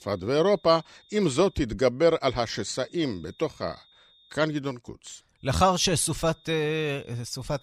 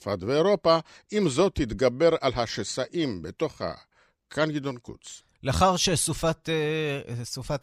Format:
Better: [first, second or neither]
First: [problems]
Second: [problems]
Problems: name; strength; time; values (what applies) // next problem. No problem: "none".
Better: second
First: high-pitched whine; faint; until 1.5 s, from 2.5 to 4.5 s and from 5.5 s on; 3.5 kHz, 30 dB below the speech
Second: none